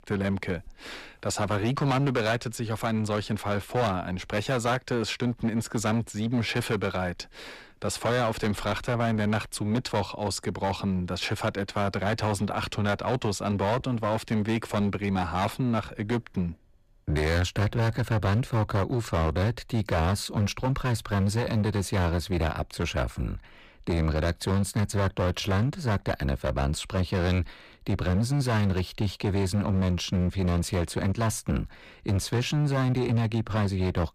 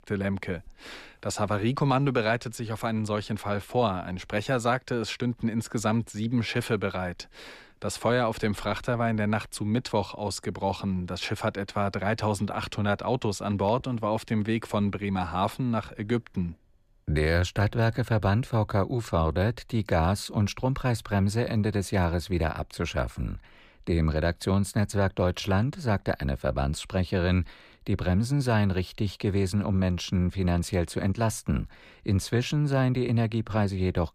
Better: second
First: distortion; slight; 15% of the sound clipped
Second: none

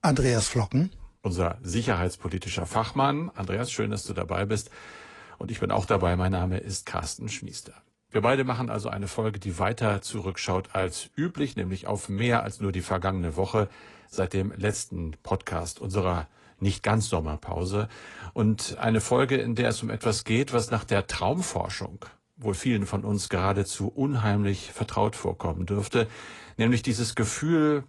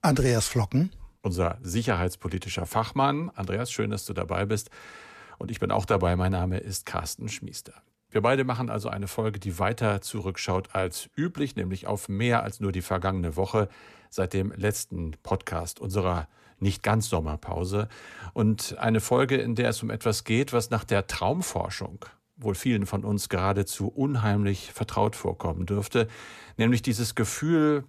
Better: second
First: garbled, watery; slightly; nothing above 10.5 kHz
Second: none

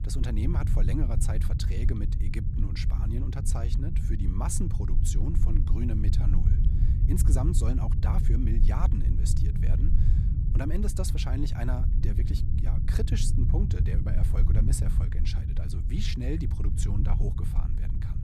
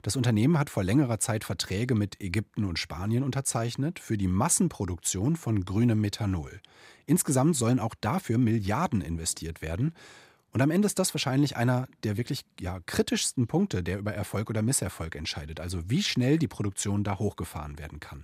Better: second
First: low rumble; loud; throughout; 3 dB below the speech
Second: none

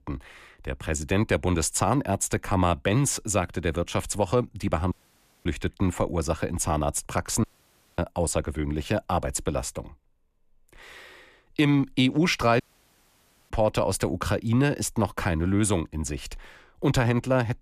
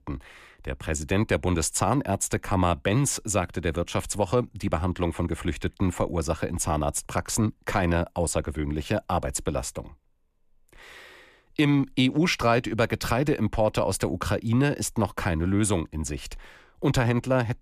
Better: second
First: audio cutting out; at 5 s for 0.5 s, at 7.5 s for 0.5 s and at 13 s for 1 s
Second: none

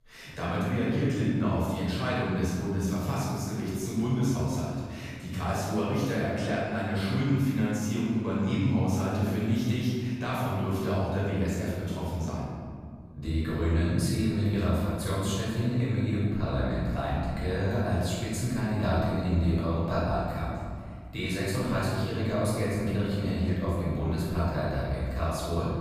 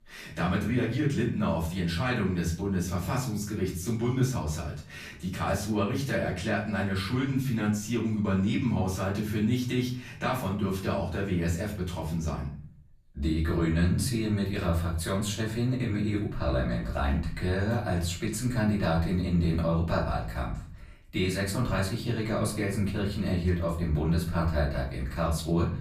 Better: second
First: room echo; strong; dies away in 1.9 s // off-mic speech; far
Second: room echo; slight; dies away in 0.5 s // off-mic speech; far

